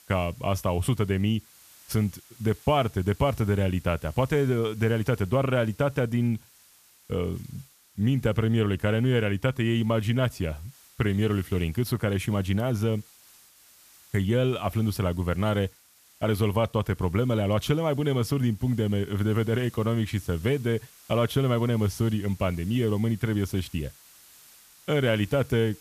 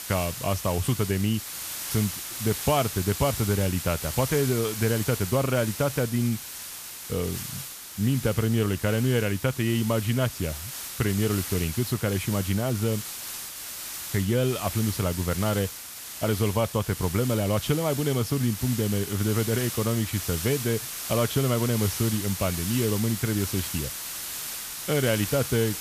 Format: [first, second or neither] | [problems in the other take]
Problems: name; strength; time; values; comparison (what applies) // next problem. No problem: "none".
first | hiss; loud; throughout; 6 dB below the speech; faint in the first